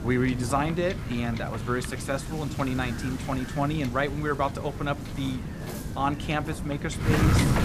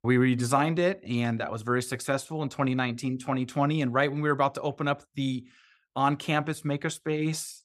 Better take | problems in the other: second | wind noise on the microphone; heavy; 6 dB below the speech

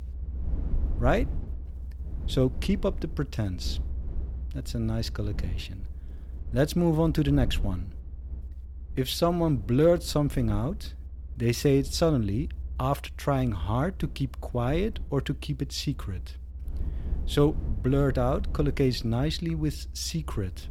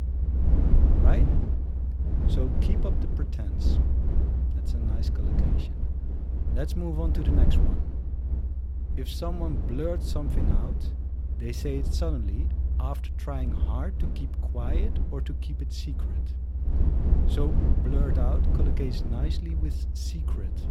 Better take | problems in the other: first | low rumble; loud; throughout; 3 dB below the speech; faint in the first

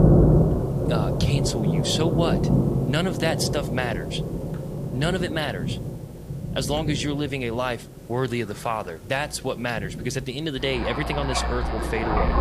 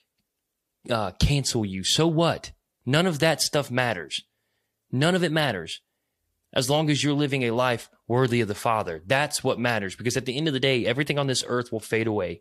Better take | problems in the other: second | rain or running water; very loud; throughout; 2 dB above the speech

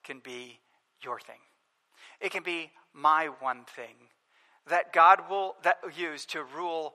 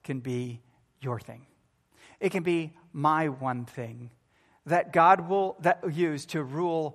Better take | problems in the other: second | thin; very; fading below 550 Hz

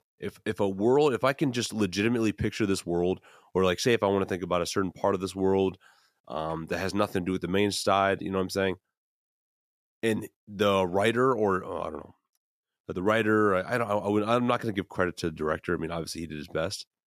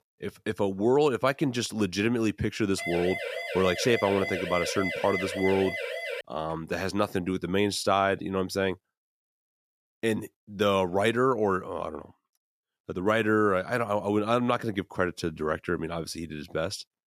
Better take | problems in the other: first | siren; noticeable; from 3 to 6 s; peak 3 dB below the speech

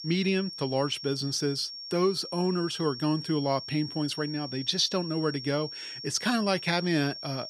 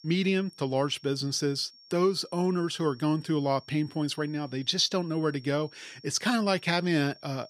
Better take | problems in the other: second | high-pitched whine; loud; throughout; 5.5 kHz, 9 dB below the speech; faint in the second

